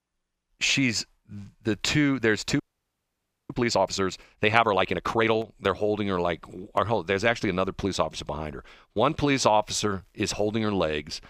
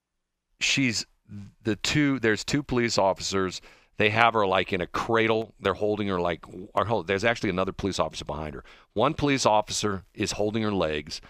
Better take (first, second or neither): second